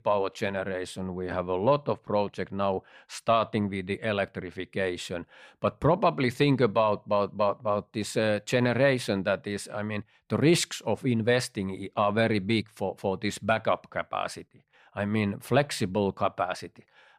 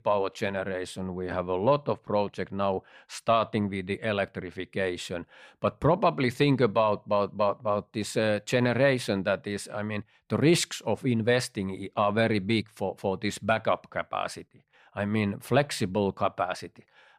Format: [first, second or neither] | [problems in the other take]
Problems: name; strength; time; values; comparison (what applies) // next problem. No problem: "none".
neither | none